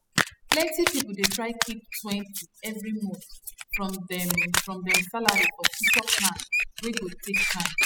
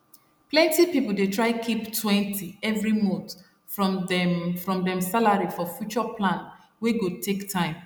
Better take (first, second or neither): second